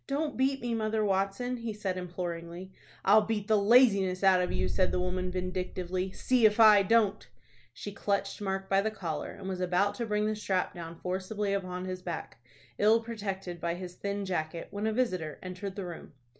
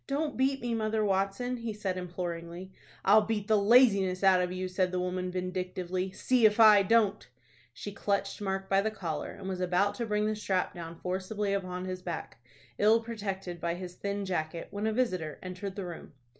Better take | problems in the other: second | background sound (Boom); as loud as the speech

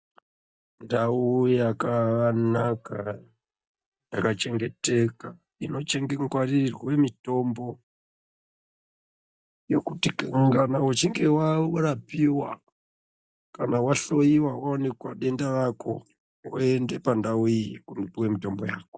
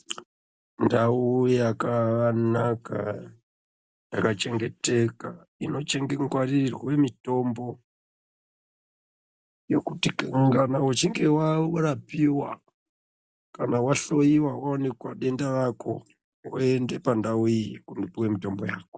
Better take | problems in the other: second | noise reduction (neural mask model DeepFilterNet 3)

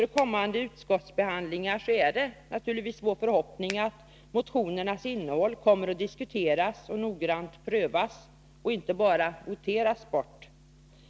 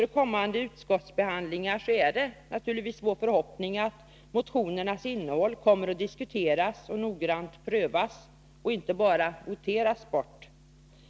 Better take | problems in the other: second | background sound (Finger snapping); 12 dB below the speech

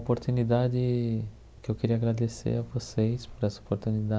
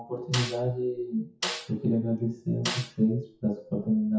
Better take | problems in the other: first | noise reduction (classical method WPE with log-MMSE)

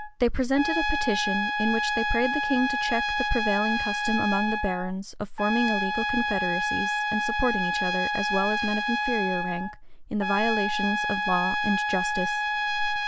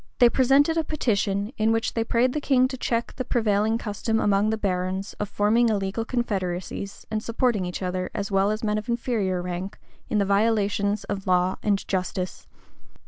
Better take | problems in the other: second | background sound (Trumpet); as loud as the speech

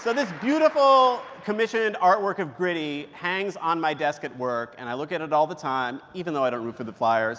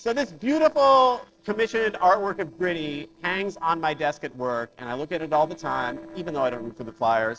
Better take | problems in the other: first | noise reduction (neural separator model SepFormer DNS4)

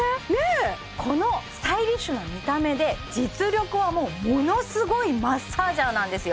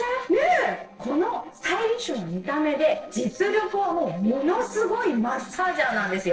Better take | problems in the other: first | noise reduction (neural separator model SepFormer DNS4)

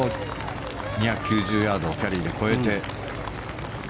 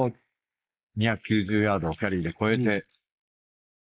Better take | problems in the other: first | noise reduction (neural mask model Resemble Enhance denoiser)

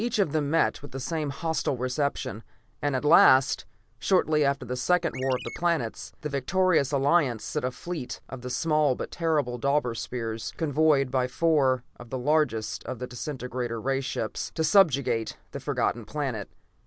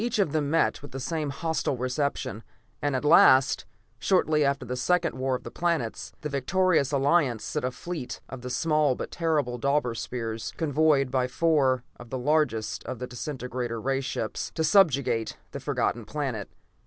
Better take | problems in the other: second | background sound (Chirp, tweet); 12 dB below the speech

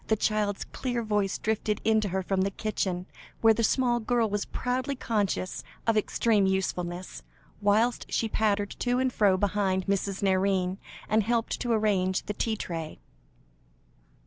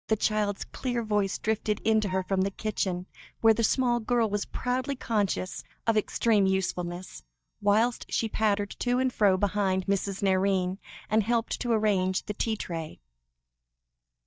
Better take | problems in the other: first | noise reduction (neural mask model DeepFilterNet 3)

